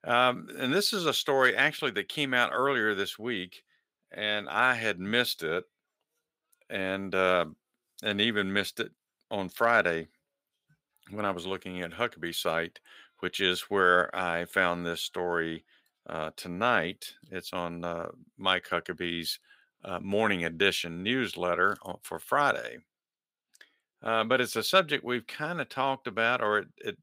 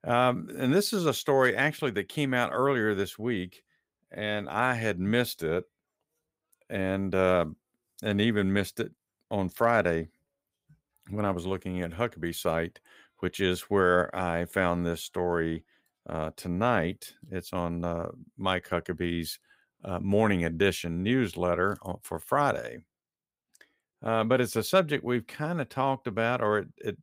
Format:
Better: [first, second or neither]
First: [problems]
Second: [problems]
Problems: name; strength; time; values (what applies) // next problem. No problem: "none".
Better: second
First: thin; very slightly; fading below 300 Hz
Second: none